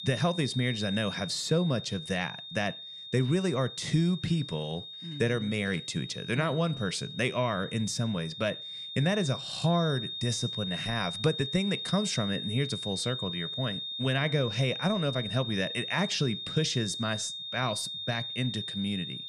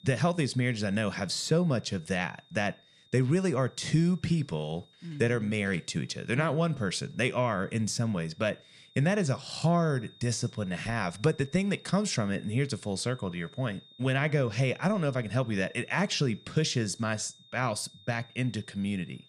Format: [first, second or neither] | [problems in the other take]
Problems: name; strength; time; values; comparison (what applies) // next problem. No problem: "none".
second | high-pitched whine; loud; throughout; 3.5 kHz, 6 dB below the speech; faint in the second